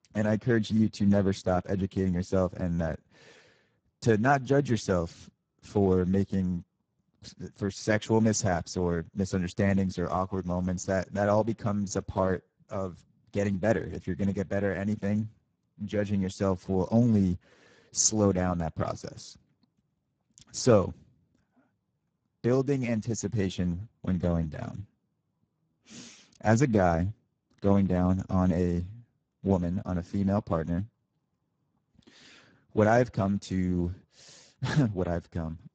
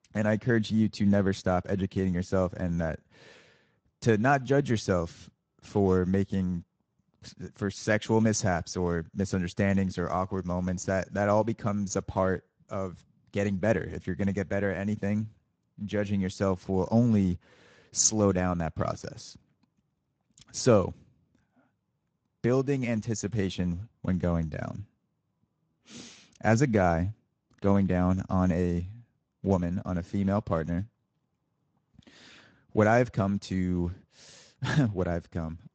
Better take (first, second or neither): second